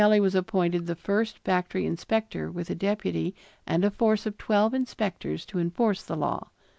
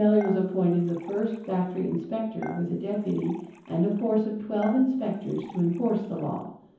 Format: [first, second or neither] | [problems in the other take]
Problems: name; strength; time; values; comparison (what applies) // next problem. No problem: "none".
first | background sound (Dishes, pots, and pans / Chink, clink); 20 dB below the speech // room echo; dies away in 0.7 s